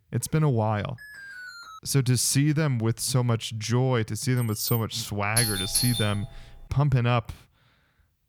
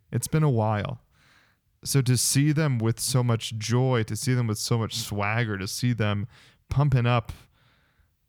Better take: second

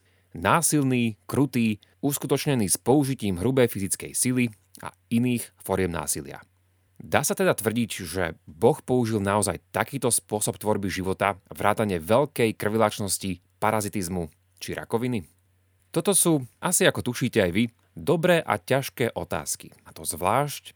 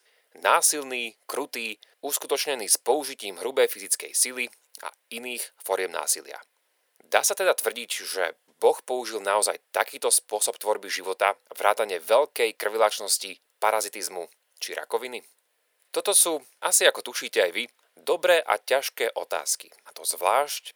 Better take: first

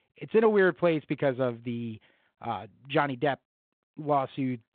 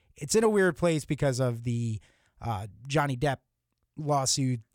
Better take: second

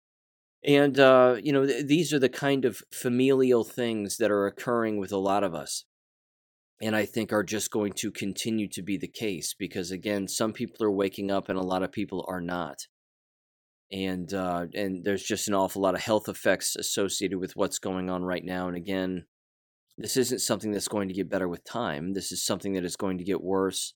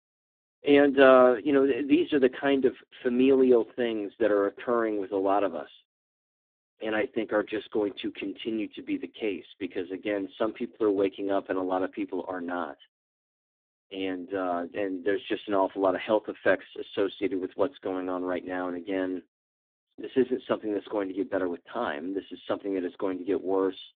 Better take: first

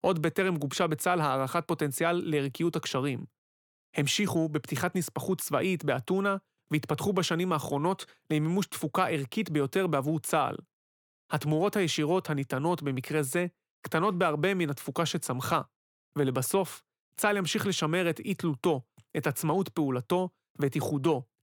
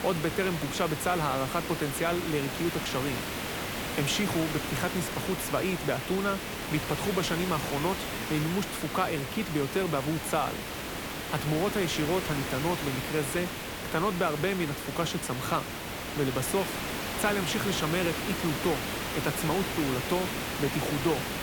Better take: first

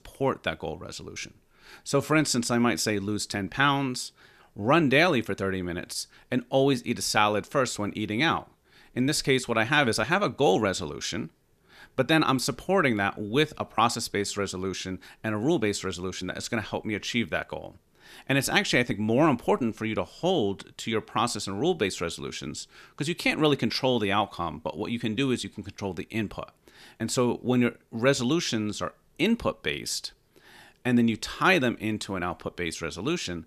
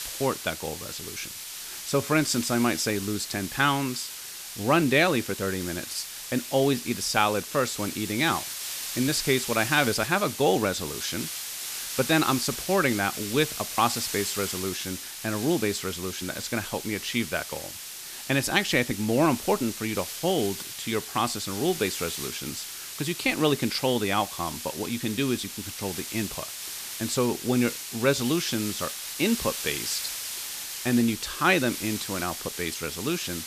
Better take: first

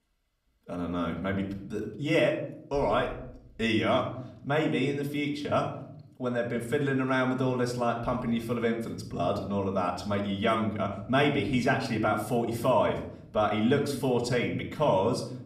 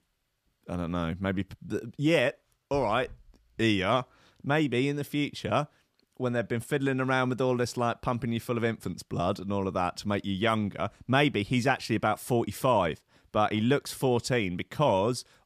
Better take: second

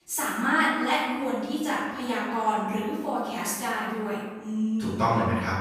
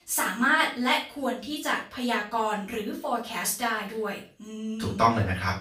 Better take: second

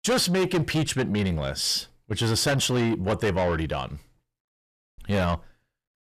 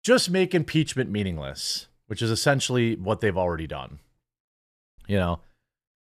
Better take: second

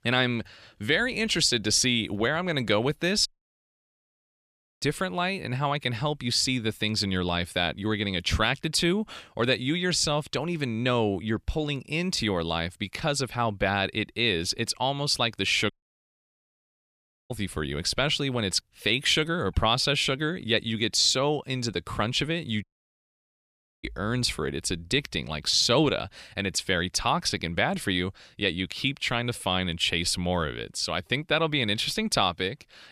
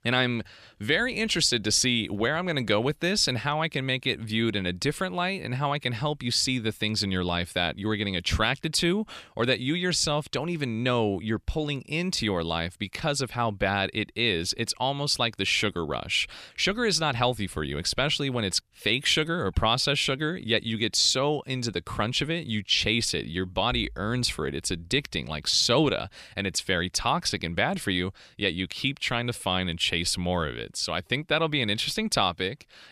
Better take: second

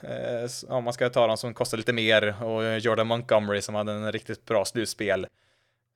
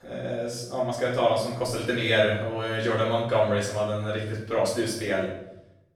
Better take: first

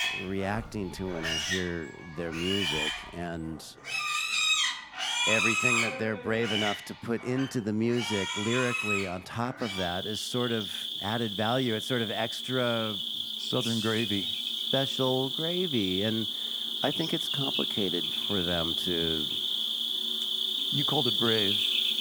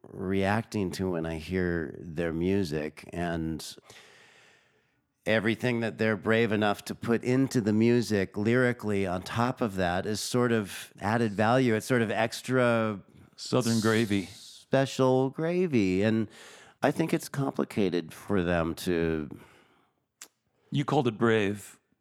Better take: second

